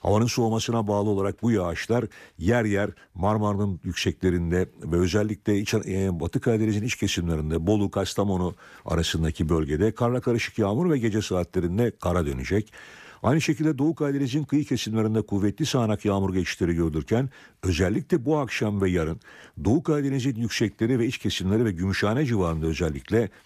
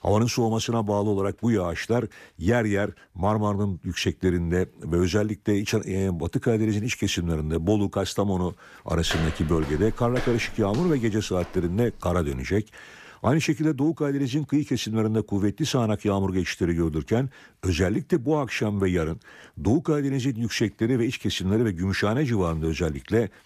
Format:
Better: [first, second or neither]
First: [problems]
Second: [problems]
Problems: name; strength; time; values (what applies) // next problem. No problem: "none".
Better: first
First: none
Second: footsteps; noticeable; from 9 to 12 s; peak 7 dB below the speech